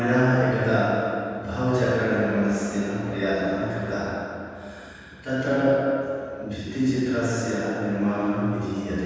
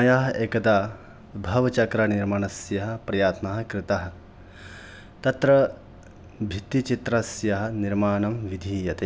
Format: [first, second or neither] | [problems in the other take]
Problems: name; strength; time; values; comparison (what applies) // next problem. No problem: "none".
second | background sound (Wind instrument, woodwind instrument); 20 dB below the speech // room echo; dies away in 2.1 s